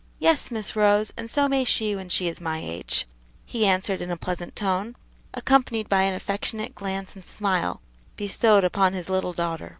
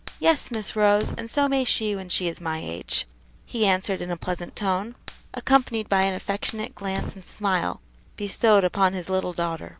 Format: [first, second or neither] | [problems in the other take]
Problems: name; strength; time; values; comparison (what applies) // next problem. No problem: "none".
first | background sound (Fire); 17 dB below the speech